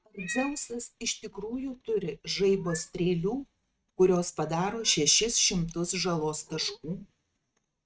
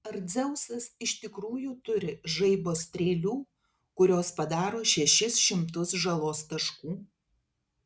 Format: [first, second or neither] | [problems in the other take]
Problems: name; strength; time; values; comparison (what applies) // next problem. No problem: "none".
second | noise reduction (neural mask model RNNoise)